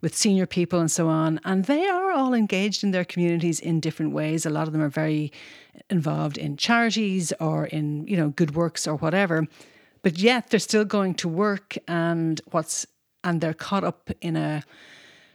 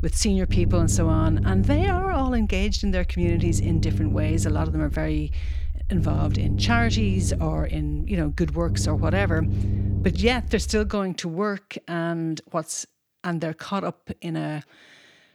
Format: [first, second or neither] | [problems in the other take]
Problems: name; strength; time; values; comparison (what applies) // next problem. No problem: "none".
first | low rumble; loud; until 11 s; 10 dB below the speech